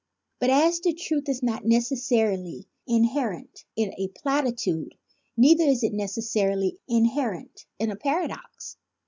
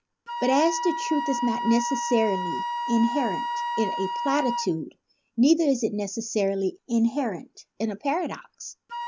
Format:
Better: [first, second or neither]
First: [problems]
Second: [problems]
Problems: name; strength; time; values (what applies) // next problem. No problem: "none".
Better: first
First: none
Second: background sound (Wind instrument, woodwind instrument); 6 dB below the speech